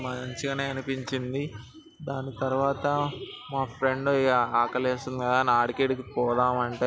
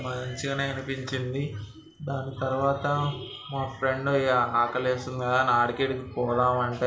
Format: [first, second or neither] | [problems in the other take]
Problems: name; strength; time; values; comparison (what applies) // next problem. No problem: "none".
first | room echo; dies away in 0.8 s